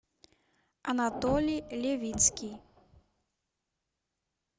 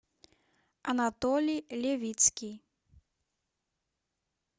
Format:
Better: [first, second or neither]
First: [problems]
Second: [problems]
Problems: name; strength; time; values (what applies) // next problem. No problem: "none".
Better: second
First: background sound (Printer); 8 dB below the speech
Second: none